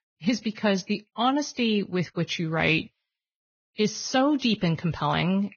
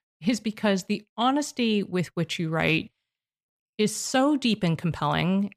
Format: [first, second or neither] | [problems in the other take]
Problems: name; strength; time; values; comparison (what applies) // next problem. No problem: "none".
second | garbled, watery; badly; nothing above 6.5 kHz